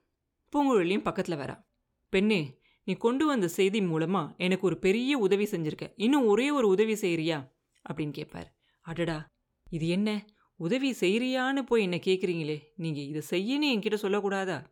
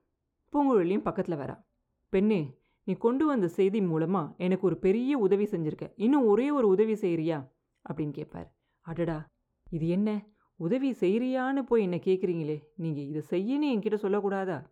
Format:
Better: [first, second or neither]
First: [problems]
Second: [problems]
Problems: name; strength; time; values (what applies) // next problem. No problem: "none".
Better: first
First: none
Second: muffled; slightly; fading above 2 kHz